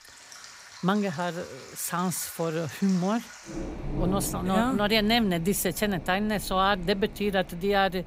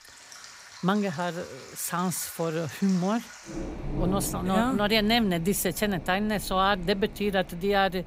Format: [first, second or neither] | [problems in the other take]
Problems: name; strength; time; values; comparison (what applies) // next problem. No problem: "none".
neither | rain or running water; noticeable; throughout; 15 dB below the speech; the same in both